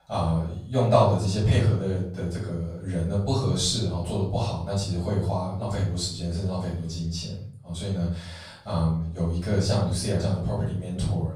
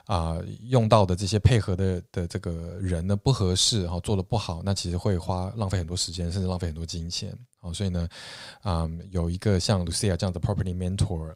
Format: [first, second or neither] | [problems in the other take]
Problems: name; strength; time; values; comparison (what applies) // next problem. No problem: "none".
second | off-mic speech; far // room echo; noticeable; dies away in 0.5 s